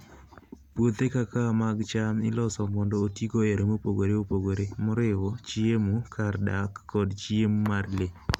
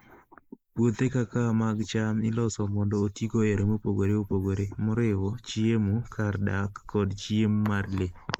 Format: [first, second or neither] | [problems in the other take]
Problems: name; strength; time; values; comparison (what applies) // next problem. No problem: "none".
first | noise reduction (neural mask model Resemble Enhance denoiser)